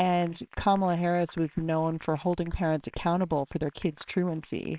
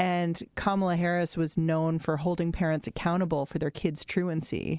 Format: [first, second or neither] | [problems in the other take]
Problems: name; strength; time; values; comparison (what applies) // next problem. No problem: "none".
second | noise reduction (neural separator model SepFormer WHAMR!)